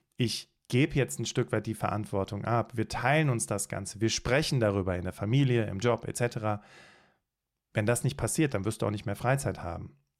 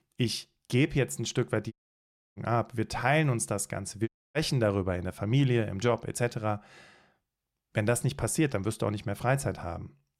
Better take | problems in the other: first | audio cutting out; at 1.5 s for 0.5 s and at 4 s

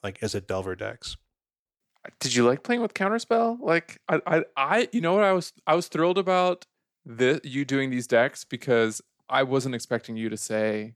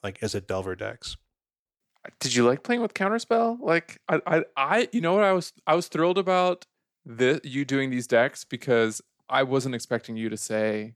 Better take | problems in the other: neither | none

